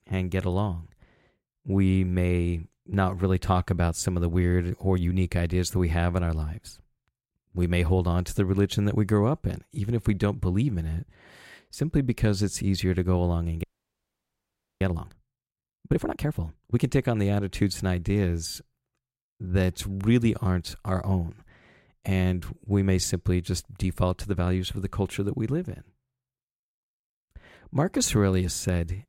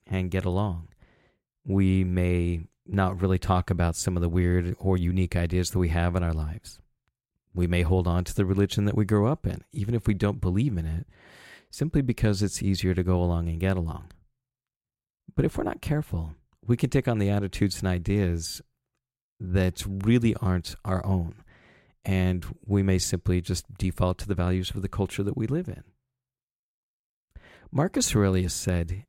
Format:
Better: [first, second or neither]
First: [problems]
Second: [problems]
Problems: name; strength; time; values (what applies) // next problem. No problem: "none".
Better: second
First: audio freezing; at 14 s for 1 s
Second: none